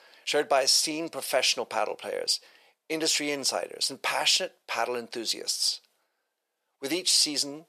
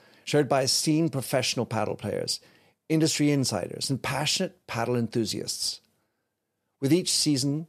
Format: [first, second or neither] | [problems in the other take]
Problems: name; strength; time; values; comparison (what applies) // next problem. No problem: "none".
second | thin; very; fading below 650 Hz